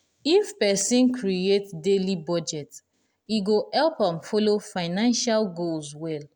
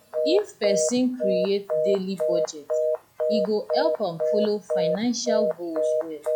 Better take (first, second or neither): first